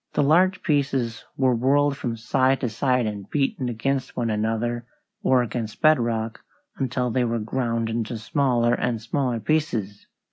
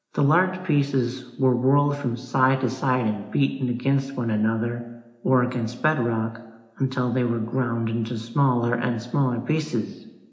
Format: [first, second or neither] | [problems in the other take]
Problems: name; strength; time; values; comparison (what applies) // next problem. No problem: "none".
first | room echo; dies away in 0.8 s